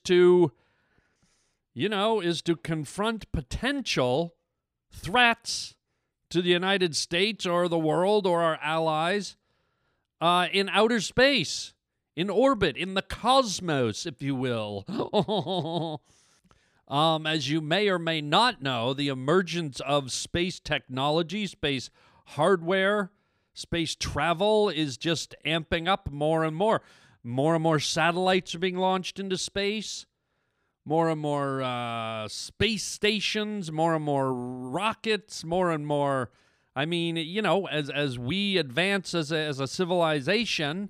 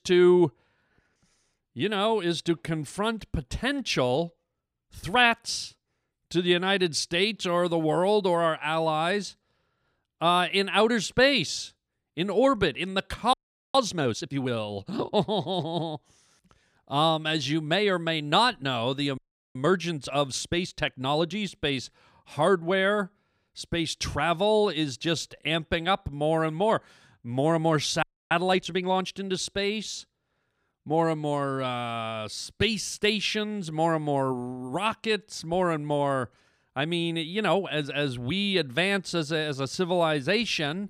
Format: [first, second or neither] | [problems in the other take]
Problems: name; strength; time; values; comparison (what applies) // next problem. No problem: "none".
first | audio freezing; at 13 s, at 19 s and at 28 s